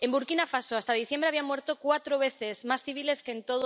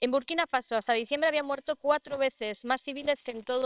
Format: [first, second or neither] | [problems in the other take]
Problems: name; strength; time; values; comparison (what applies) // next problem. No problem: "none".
first | noise reduction (neural separator model SepFormer WHAMR!)